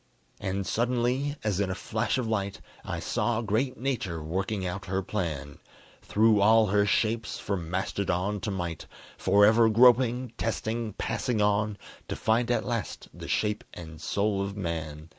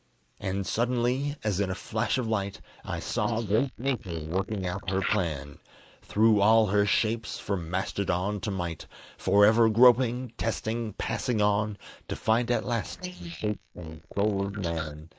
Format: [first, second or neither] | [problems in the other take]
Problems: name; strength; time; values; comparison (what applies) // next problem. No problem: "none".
first | noise reduction (neural mask model Resemble Enhance denoiser)